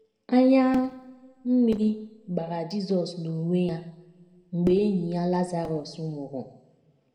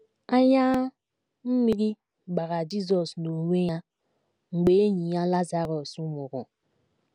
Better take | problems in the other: second | room echo; dies away in 1 s

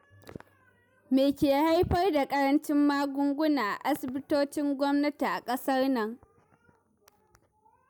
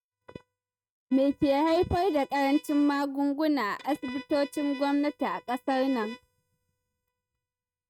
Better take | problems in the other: first | noise reduction (neural mask model RNNoise)

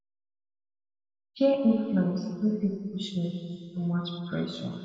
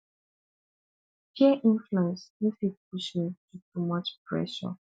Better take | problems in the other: second | room echo; dies away in 2.1 s

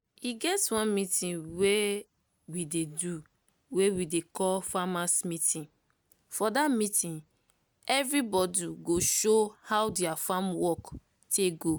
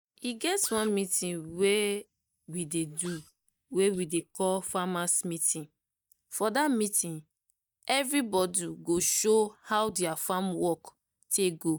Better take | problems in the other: first | noise reduction (neural mask model DeepFilterNet 3)

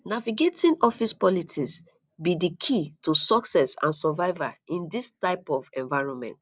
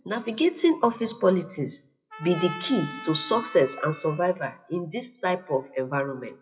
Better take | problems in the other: first | noise reduction (classical method WPE with log-MMSE)

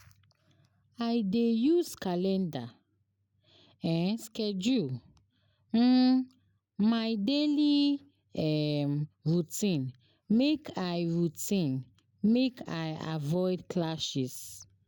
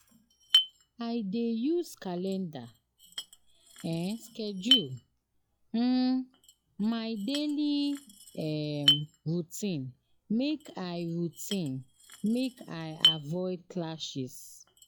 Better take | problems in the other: first | noise reduction (classical method log-MMSE)

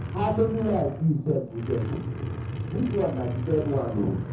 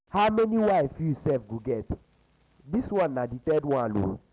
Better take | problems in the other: second | background sound (Truck); 5 dB below the speech // room echo; dies away in 0.5 s

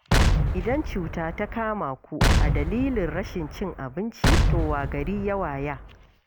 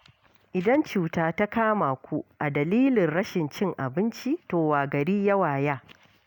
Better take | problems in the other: second | background sound (Explosion); 5 dB above the speech

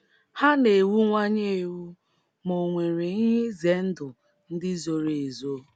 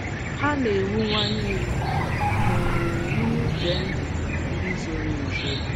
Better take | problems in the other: first | background sound (Vehicle + Cricket / Chicken, rooster); 4 dB above the speech

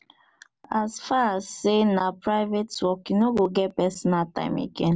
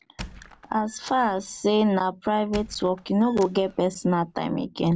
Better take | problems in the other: first | background sound (Squeak); 20 dB below the speech

